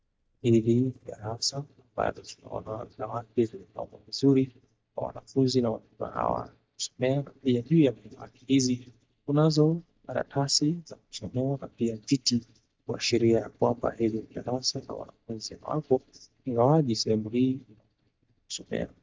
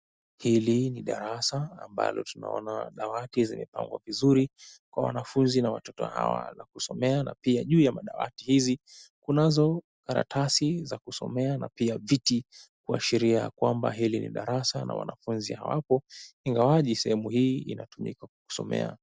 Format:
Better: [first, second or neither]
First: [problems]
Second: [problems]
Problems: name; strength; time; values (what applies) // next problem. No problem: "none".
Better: second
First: noise reduction (neural mask model DeepFilterNet 3)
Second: none